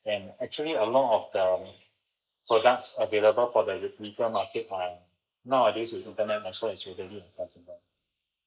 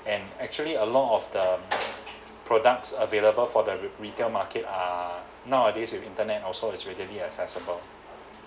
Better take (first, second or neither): second